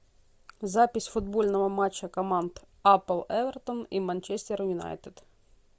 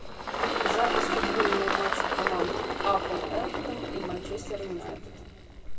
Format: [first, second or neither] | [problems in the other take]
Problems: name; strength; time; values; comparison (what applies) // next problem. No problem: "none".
first | background sound (Engine); 3 dB above the speech // room echo; dies away in 1.8 s